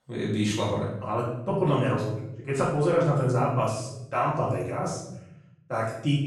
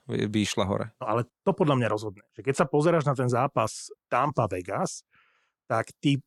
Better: second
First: room echo; noticeable; dies away in 0.8 s // off-mic speech; far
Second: none

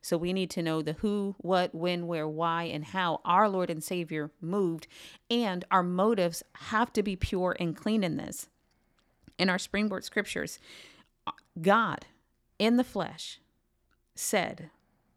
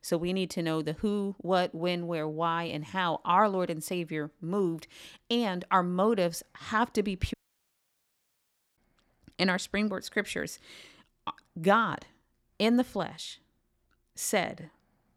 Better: first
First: none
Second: audio cutting out; at 7.5 s for 1.5 s

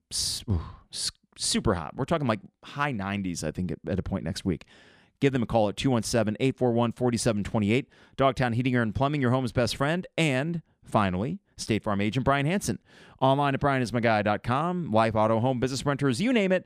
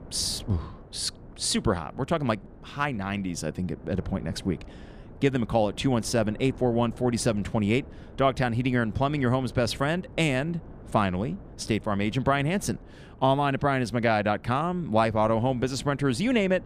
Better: first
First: none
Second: wind noise on the microphone; occasional gusts; 25 dB below the speech

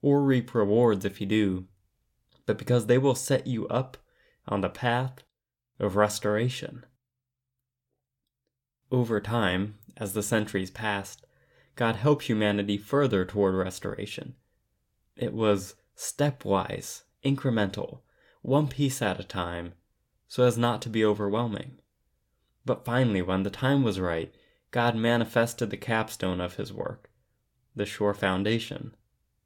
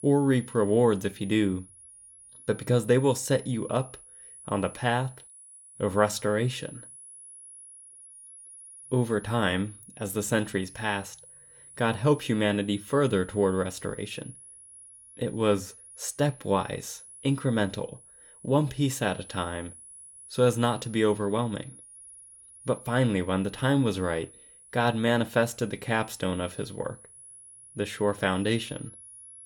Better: first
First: none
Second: high-pitched whine; noticeable; throughout; 10.5 kHz, 20 dB below the speech

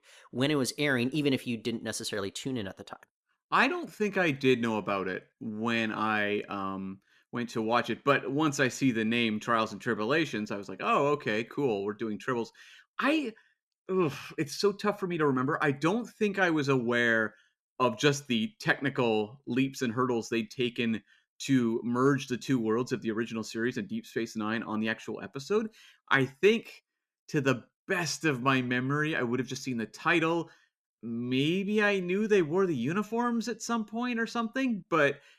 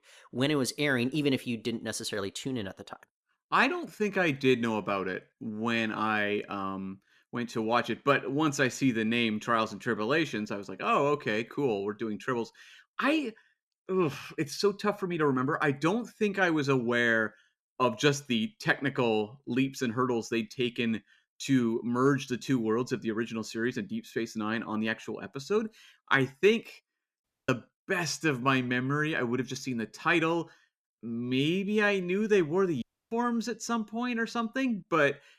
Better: first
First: none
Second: audio cutting out; at 27 s and at 33 s

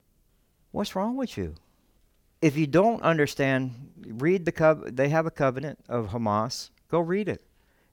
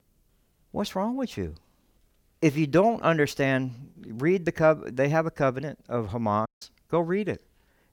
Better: first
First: none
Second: audio cutting out; at 6.5 s

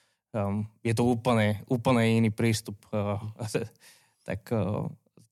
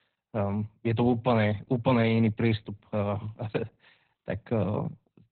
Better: first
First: none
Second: garbled, watery; badly; nothing above 4 kHz

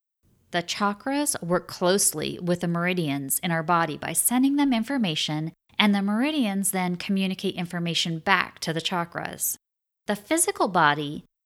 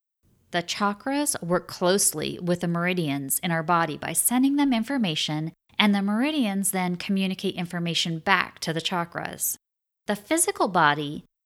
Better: neither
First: none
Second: none

